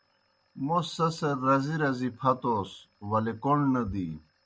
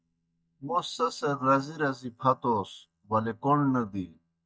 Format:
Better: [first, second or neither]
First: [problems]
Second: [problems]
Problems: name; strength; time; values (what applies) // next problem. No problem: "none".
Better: first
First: none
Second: noise reduction (neural mask model DeepFilterNet 3)